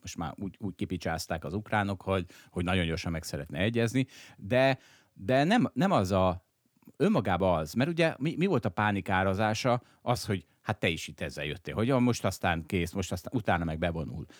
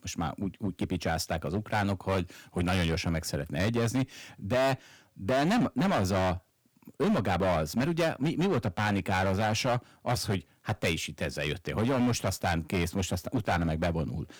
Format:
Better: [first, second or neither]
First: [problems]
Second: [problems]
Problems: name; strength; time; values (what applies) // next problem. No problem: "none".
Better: first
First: none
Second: distortion; heavy; 12% of the sound clipped